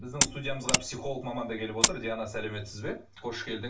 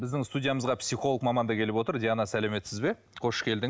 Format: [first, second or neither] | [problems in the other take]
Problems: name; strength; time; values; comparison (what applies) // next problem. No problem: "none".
second | background sound (Mechanisms); 4 dB above the speech // room echo; dies away in 0.3 s